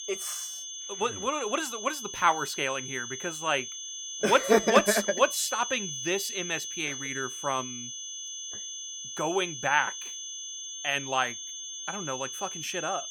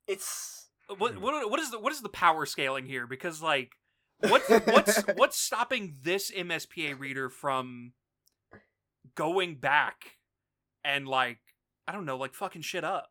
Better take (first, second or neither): second